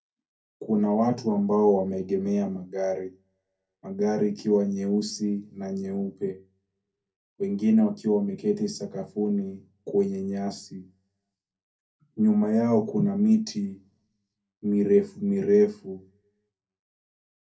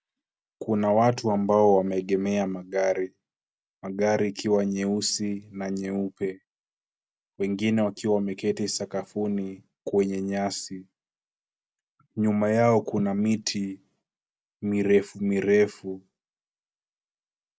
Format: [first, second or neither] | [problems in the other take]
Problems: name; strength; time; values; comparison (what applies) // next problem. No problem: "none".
second | room echo; dies away in 0.3 s